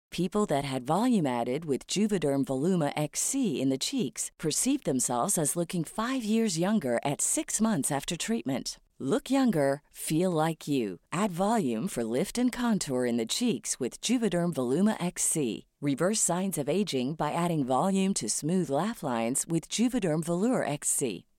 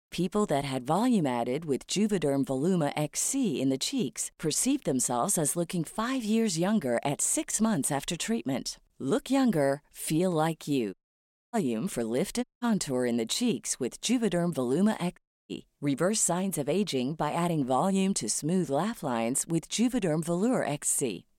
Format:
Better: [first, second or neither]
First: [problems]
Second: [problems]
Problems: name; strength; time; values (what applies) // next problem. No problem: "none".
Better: first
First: none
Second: audio cutting out; at 11 s for 0.5 s, at 12 s and at 15 s